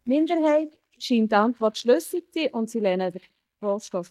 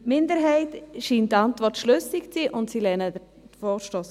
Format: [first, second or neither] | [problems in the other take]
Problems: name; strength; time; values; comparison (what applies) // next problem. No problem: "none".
second | noise reduction (neural mask model DeepFilterNet 3)